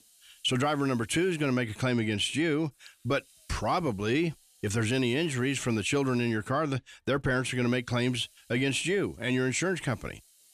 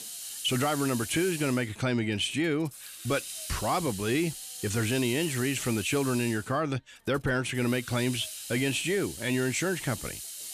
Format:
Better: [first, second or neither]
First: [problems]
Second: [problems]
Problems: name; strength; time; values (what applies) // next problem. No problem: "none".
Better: first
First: hiss; faint; throughout; 30 dB below the speech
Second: hiss; loud; throughout; 9 dB below the speech